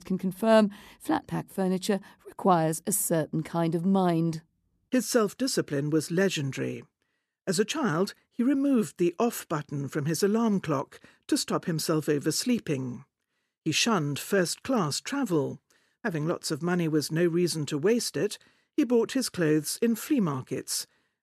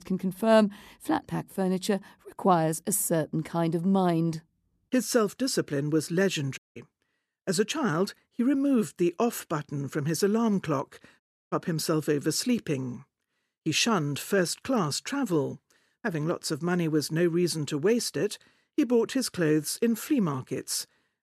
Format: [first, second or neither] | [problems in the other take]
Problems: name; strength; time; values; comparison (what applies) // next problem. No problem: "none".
first | audio cutting out; at 6.5 s and at 11 s